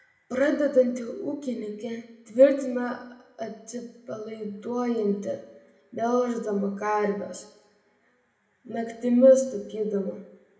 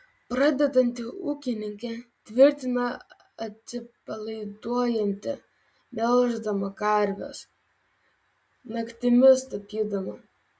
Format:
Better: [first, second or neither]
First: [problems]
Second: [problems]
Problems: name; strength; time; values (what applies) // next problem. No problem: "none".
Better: second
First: room echo; dies away in 0.8 s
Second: none